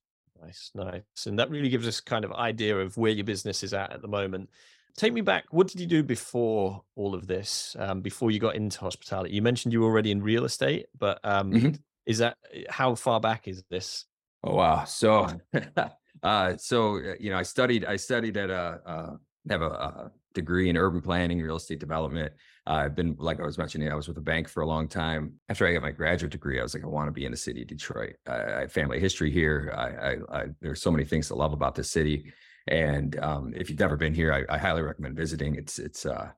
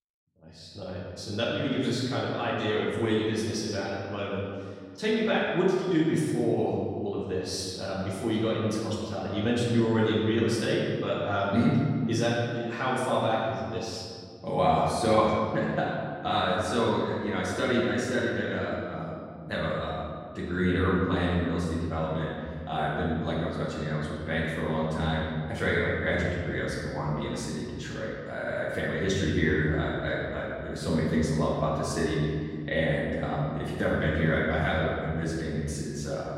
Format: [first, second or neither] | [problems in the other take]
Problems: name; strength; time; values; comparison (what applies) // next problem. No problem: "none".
first | room echo; strong; dies away in 1.8 s // off-mic speech; far